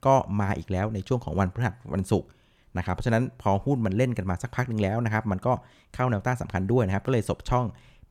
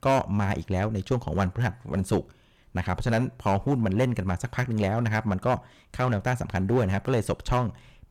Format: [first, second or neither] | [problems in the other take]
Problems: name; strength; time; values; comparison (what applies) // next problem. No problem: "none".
first | distortion; slight; 5% of the sound clipped